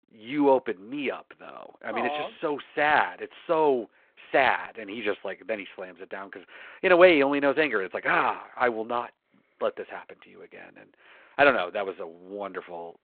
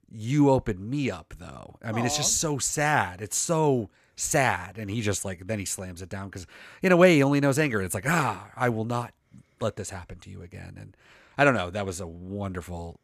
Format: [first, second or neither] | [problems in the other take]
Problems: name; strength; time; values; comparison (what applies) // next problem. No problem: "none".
second | phone-call audio